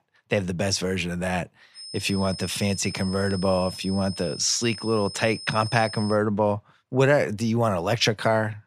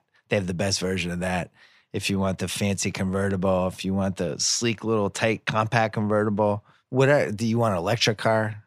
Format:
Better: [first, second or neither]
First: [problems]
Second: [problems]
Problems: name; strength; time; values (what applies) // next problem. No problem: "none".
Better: second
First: high-pitched whine; noticeable; from 2 to 6 s; 5 kHz, 10 dB below the speech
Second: none